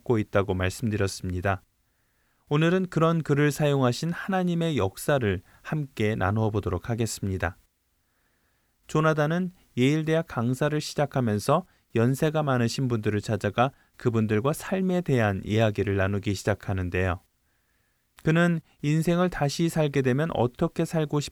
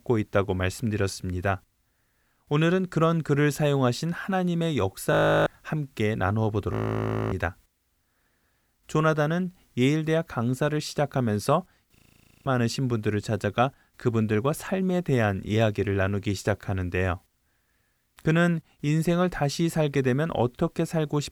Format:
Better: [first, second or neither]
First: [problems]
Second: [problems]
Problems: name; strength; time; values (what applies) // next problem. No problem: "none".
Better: first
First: none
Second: audio freezing; at 5 s, at 6.5 s for 0.5 s and at 12 s for 0.5 s